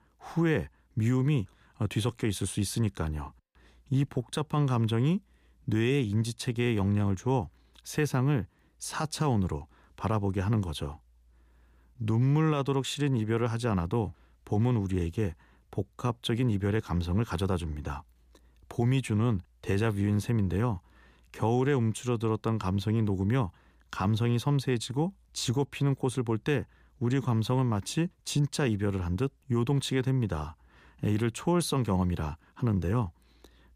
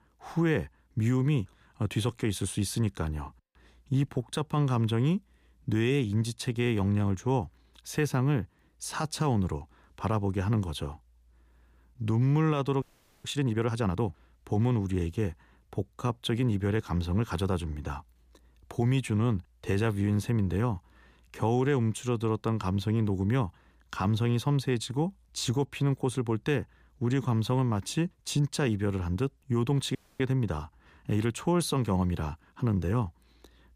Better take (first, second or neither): first